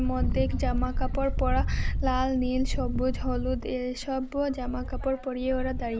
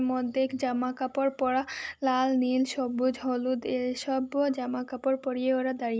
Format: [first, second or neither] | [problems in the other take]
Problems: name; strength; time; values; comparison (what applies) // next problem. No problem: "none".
second | background sound (Wind); 1 dB above the speech